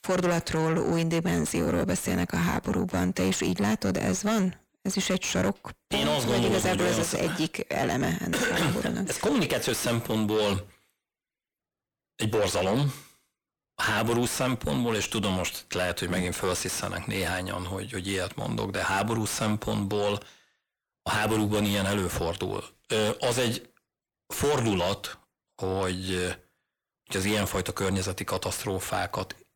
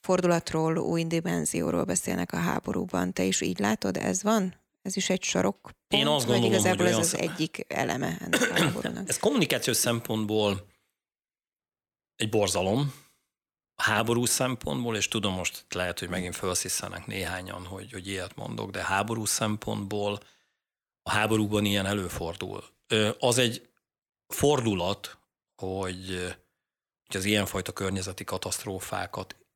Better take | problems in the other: second | distortion; heavy; 6 dB below the speech

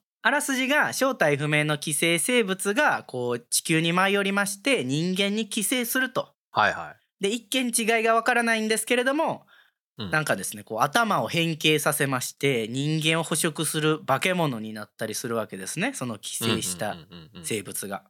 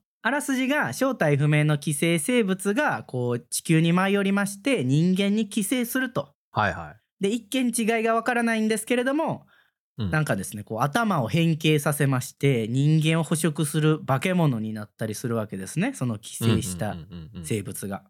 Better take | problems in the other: second | thin; very slightly; fading below 500 Hz

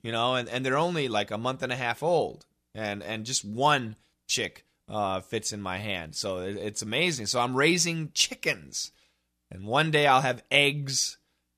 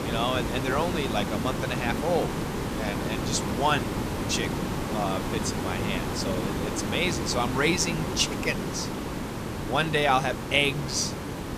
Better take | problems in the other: first | hiss; loud; throughout; 3 dB below the speech

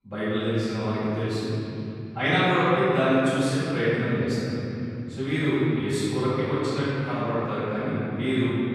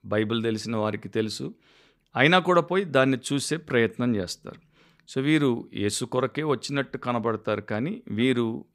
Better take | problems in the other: second | off-mic speech; far // room echo; strong; dies away in 3 s

